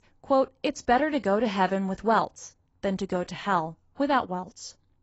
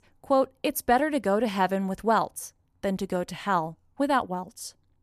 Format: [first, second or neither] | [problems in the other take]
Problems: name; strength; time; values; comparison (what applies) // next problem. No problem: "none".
second | garbled, watery; badly; nothing above 7.5 kHz